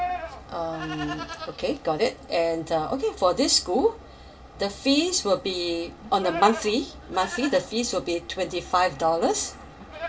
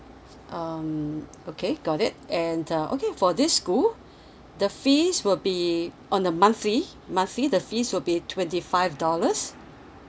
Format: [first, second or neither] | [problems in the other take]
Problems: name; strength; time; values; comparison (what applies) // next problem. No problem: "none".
second | background sound (Livestock, farm animals, working animals); 13 dB below the speech // room echo; dies away in 0.2 s